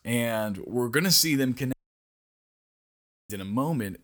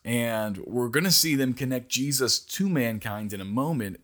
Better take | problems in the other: second | audio cutting out; at 1.5 s for 1.5 s

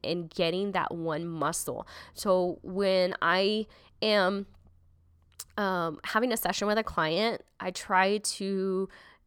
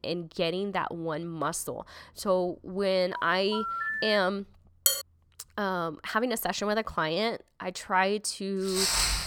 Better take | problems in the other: first | phone ringing; noticeable; from 3 to 4 s; peak 1 dB below the speech // clattering dishes; loud; at 5 s; peak 4 dB above the speech // footsteps; loud; at 8.5 s; peak 5 dB above the speech

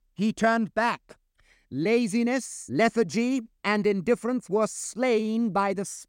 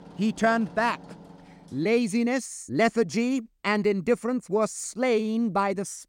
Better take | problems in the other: first | machinery noise; faint; until 1.5 s; 20 dB below the speech

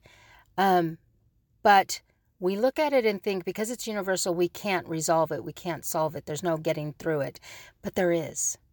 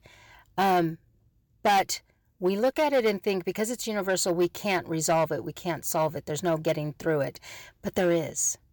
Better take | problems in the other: first | distortion; slight; 5% of the sound clipped

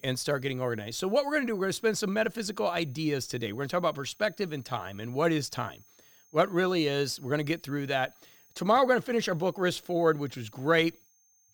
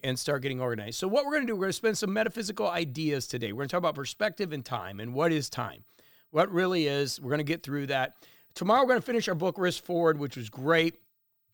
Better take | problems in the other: second | high-pitched whine; faint; throughout; 6.5 kHz, 35 dB below the speech

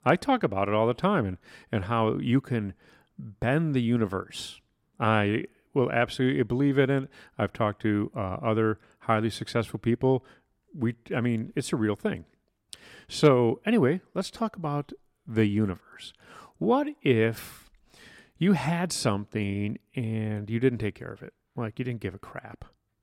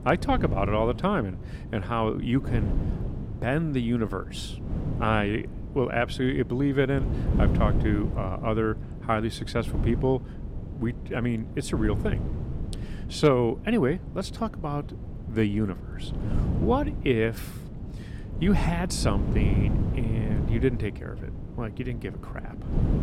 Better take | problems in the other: first | wind noise on the microphone; occasional gusts; 10 dB below the speech

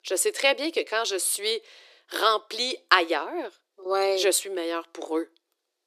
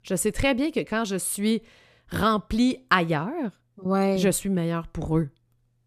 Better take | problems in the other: second | thin; very; fading below 350 Hz

